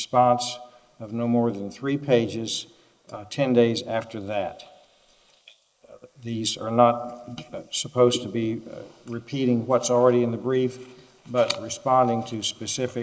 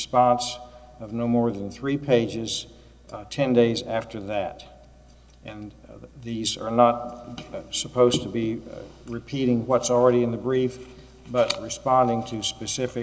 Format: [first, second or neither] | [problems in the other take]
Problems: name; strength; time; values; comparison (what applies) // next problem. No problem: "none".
second | noise reduction (neural mask model Resemble Enhance denoiser)